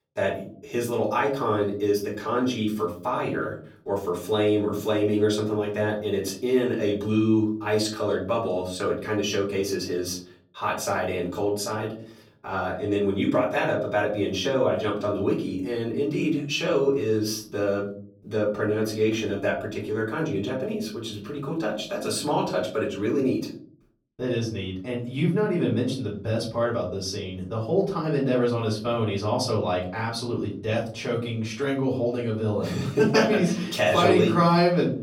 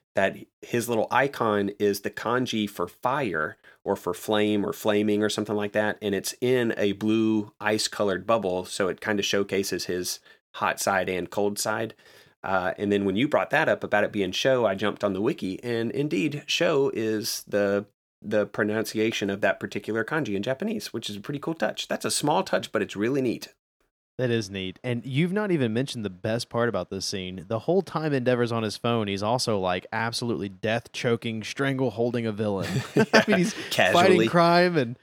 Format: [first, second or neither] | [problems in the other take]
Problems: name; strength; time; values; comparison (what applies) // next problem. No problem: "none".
second | room echo; slight; dies away in 0.5 s // off-mic speech; far